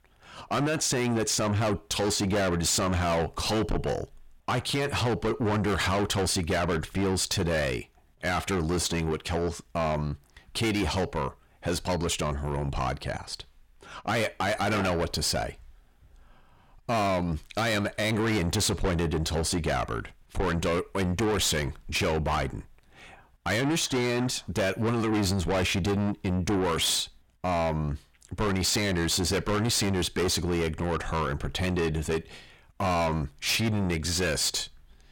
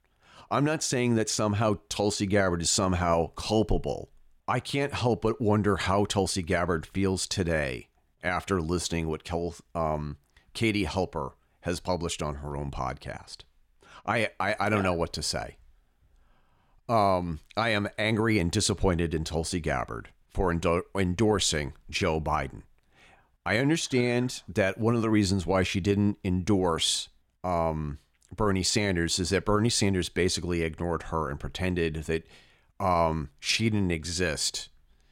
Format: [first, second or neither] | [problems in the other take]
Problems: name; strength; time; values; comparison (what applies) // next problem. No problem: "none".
second | distortion; heavy; 6 dB below the speech